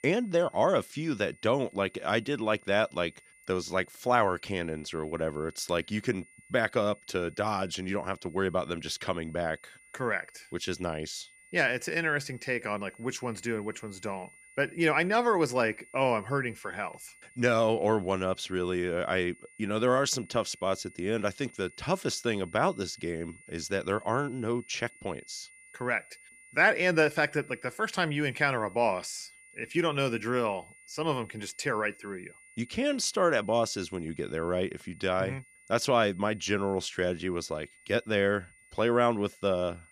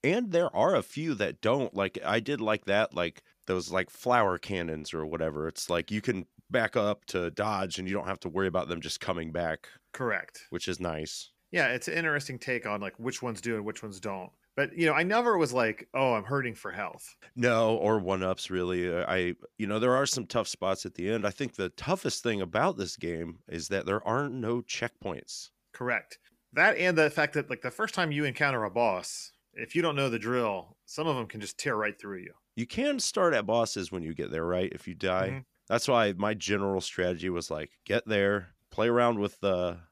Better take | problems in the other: second | high-pitched whine; faint; throughout; 2 kHz, 25 dB below the speech

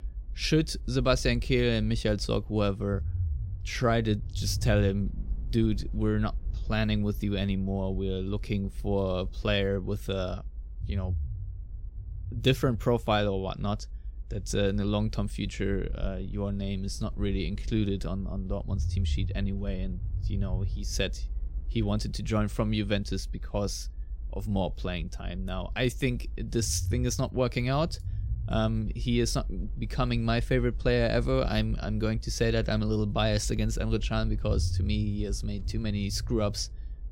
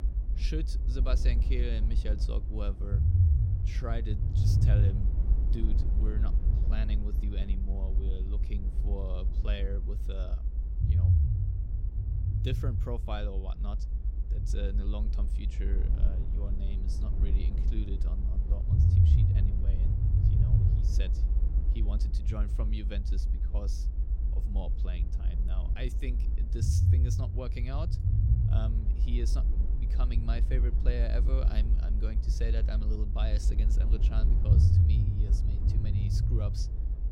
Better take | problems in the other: first | low rumble; loud; throughout; 1 dB below the speech; faint in the first

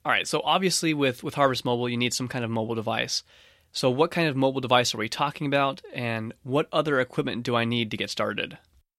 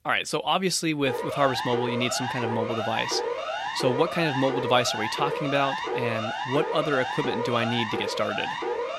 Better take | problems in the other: first | siren; noticeable; from 1 s on; peak 2 dB below the speech

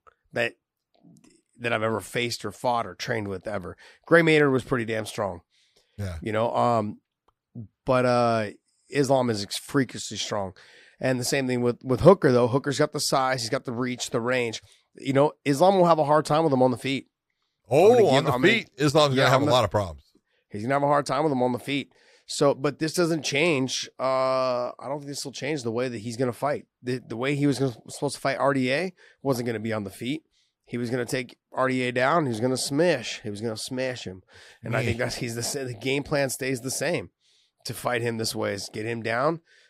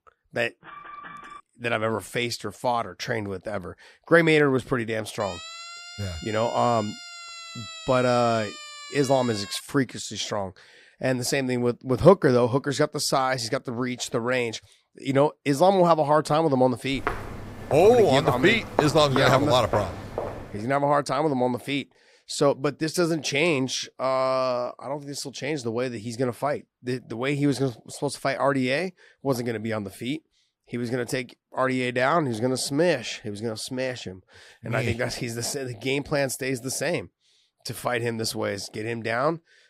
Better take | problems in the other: first | alarm; faint; at 0.5 s; peak 15 dB below the speech // siren; faint; from 5 to 9.5 s; peak 10 dB below the speech // footsteps; noticeable; from 17 to 20 s; peak 3 dB below the speech

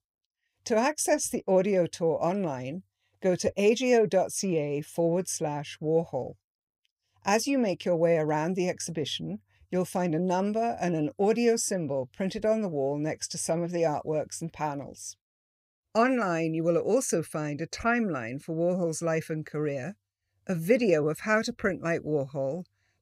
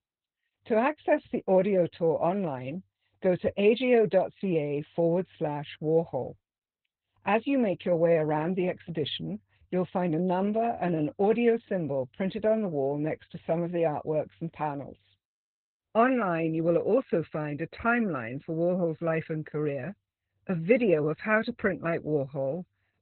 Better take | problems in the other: first | garbled, watery; badly; nothing above 4 kHz

